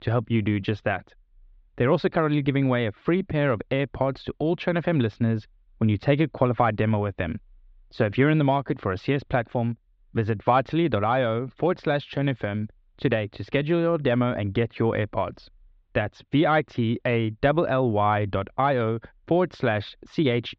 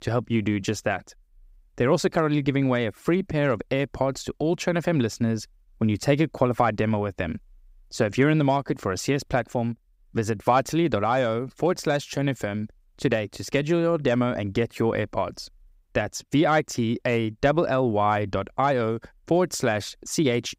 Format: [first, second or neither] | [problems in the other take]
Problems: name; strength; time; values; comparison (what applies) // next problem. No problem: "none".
second | muffled; very; fading above 3.5 kHz